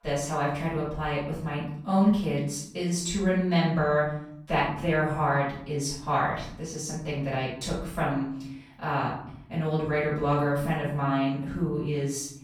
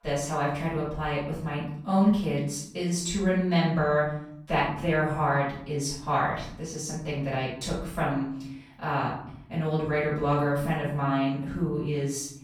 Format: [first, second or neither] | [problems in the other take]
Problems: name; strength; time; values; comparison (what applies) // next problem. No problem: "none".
neither | room echo; noticeable; dies away in 0.7 s; the same in both // off-mic speech; far; the same in both